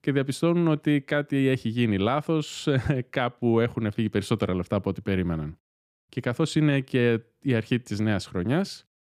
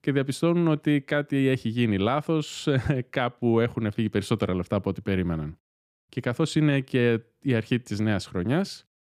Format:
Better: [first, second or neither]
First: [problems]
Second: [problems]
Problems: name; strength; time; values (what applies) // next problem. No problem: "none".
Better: neither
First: none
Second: none